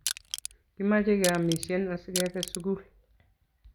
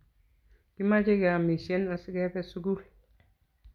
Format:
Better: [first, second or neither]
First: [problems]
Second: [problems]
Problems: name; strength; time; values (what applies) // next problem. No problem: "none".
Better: second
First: background sound (Crushing); 7 dB below the speech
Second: none